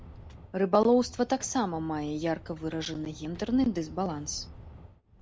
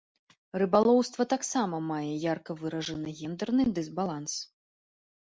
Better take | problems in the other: second | background sound (Walk, footsteps); 18 dB below the speech

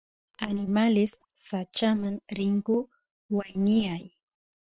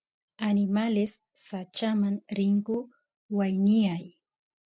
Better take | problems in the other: second | noise reduction (neural separator model SepFormer WHAM!)

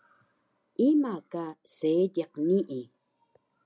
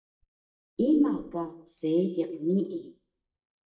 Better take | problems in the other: first | noise reduction (neural mask model DeepFilterNet 3)

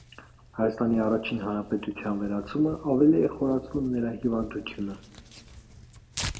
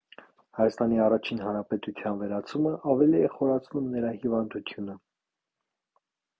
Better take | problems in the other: second | background sound (Tearing); 16 dB below the speech // room echo; dies away in 1.3 s

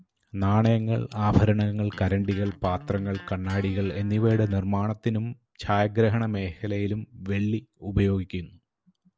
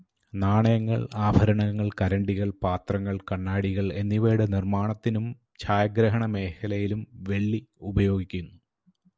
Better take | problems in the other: second | background sound (Electric guitar); 19 dB below the speech

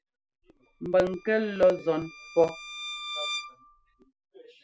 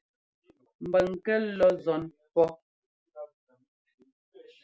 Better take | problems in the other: second | background sound (Bowed string instrument); 12 dB below the speech

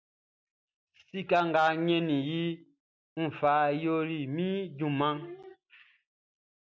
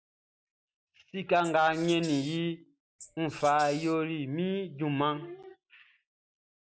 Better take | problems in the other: first | background sound (Wild animals); 17 dB below the speech

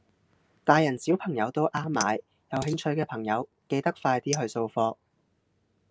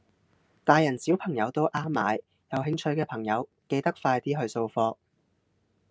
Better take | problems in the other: second | background sound (Chink, clink + Dishes, pots, and pans); 16 dB below the speech

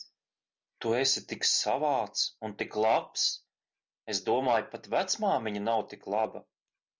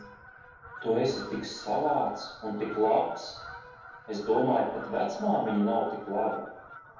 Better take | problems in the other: first | background sound (Fowl); 16 dB below the speech // room echo; dies away in 2.1 s

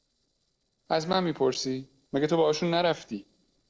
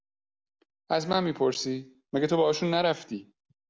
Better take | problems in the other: second | noise reduction (neural separator model SepFormer DNS4)

